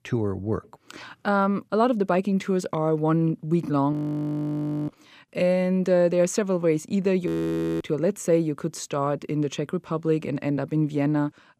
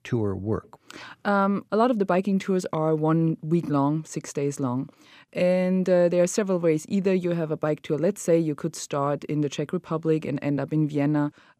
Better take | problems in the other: second | audio freezing; at 4 s for 1 s and at 7.5 s for 0.5 s

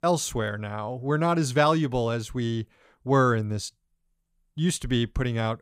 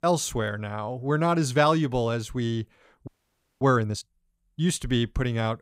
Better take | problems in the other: first | audio freezing; at 3 s for 0.5 s

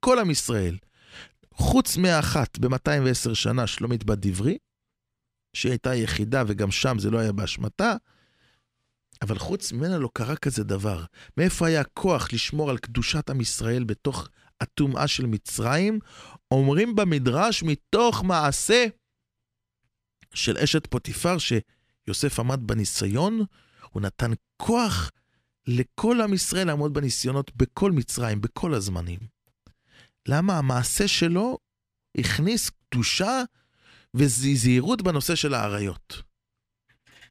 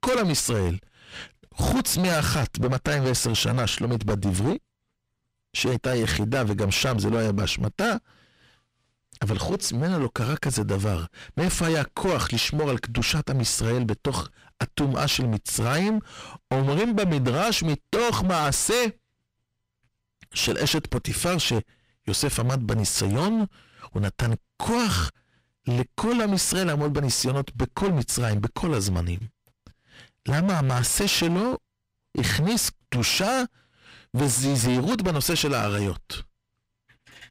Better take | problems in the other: first | distortion; heavy; 20% of the sound clipped

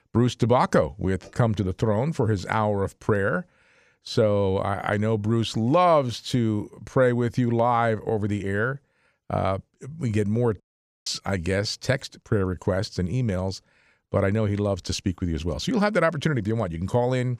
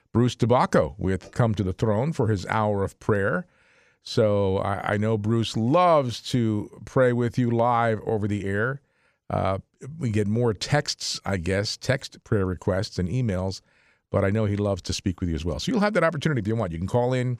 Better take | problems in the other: second | audio cutting out; at 11 s

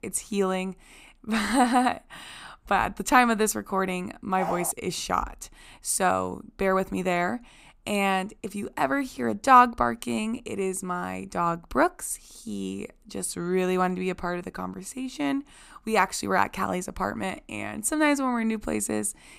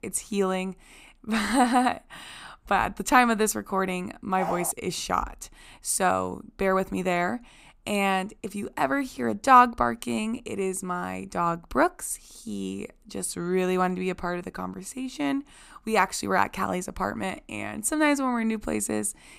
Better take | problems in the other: neither | dog barking; noticeable; at 4.5 s; peak 6 dB below the speech; the same in both

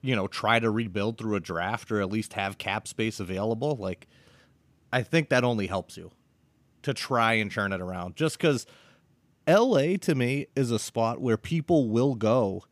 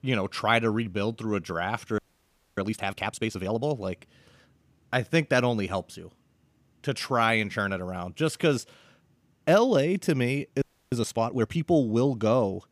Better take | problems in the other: first | audio freezing; at 2 s for 0.5 s and at 11 s

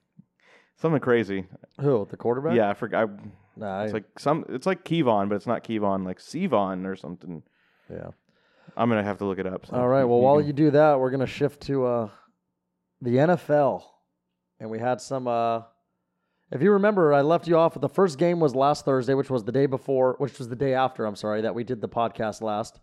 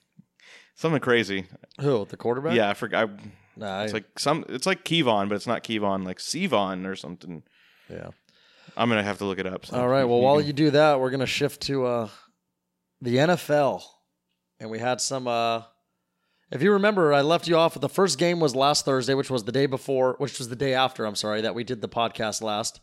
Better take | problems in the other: second | muffled; slightly; fading above 2 kHz

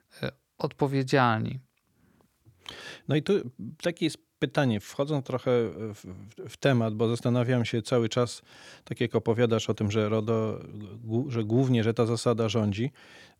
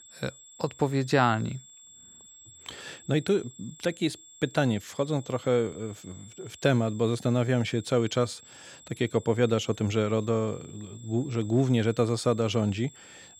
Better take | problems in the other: first | high-pitched whine; faint; throughout; 7.5 kHz, 20 dB below the speech

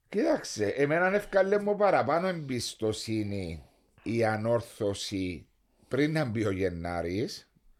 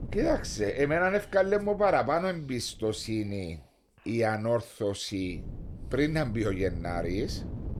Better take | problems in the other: first | wind noise on the microphone; occasional gusts; until 3.5 s and from 5 s on; 25 dB below the speech

